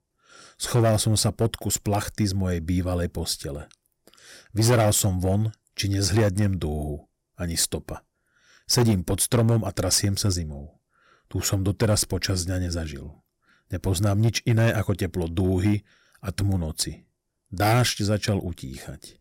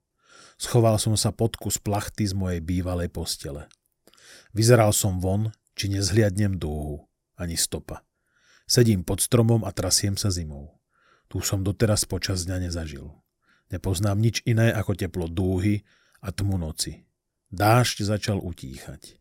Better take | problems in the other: second | distortion; slight; 4% of the sound clipped

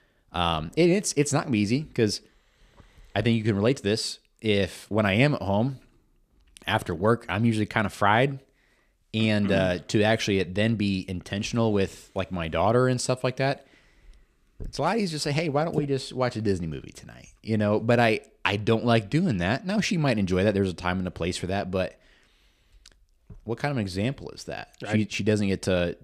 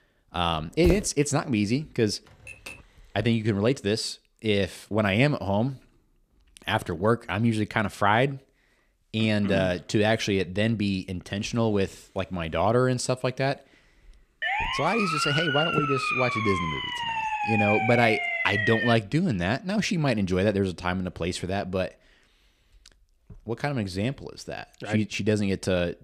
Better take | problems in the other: first | footsteps; noticeable; at 1 s; peak 4 dB below the speech // keyboard typing; faint; at 2.5 s; peak 15 dB below the speech // siren; loud; from 14 to 19 s; peak 1 dB above the speech

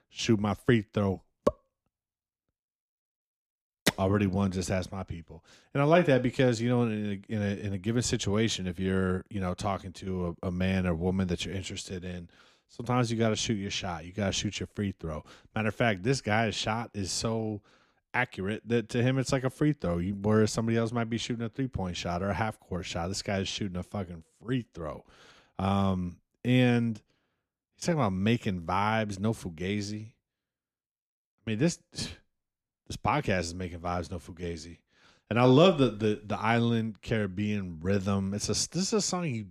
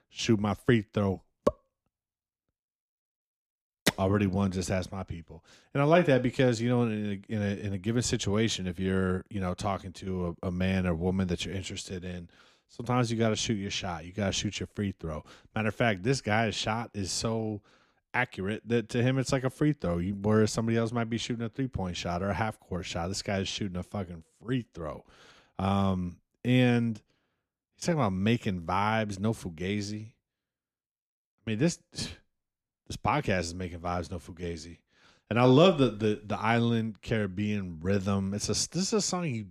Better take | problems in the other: neither | none

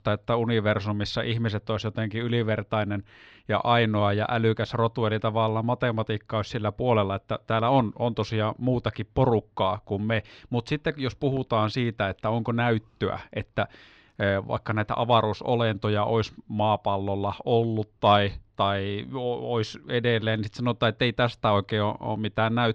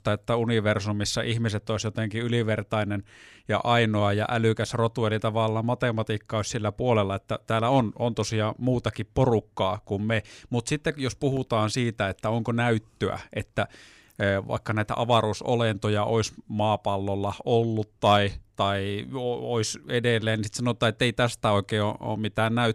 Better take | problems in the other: second | muffled; slightly; fading above 4 kHz

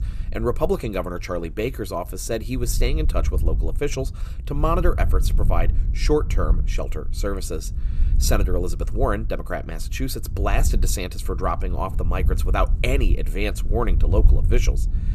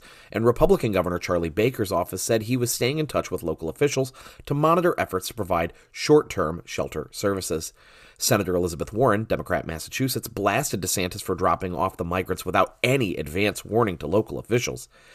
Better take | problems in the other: second | wind noise on the microphone; occasional gusts; 15 dB below the speech

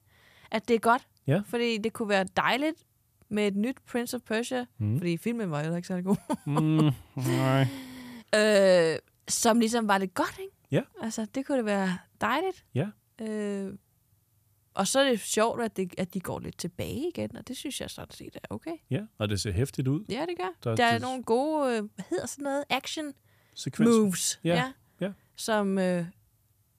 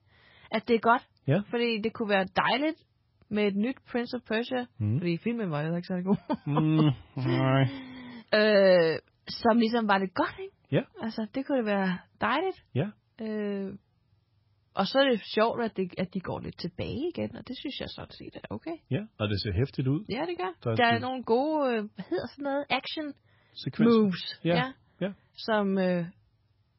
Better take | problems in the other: first | garbled, watery; badly; nothing above 5.5 kHz

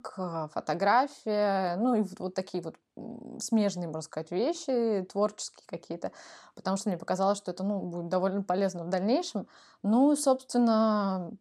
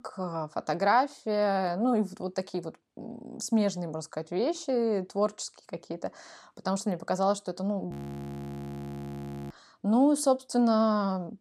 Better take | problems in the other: first | audio freezing; at 8 s for 1.5 s

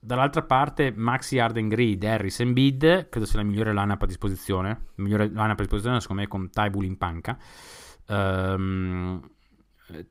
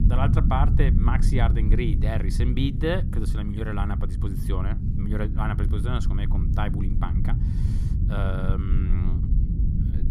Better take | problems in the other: first | low rumble; loud; throughout; 6 dB below the speech

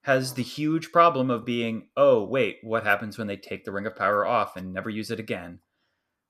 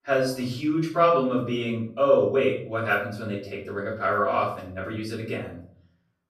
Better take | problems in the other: first | off-mic speech; far // room echo; noticeable; dies away in 0.5 s

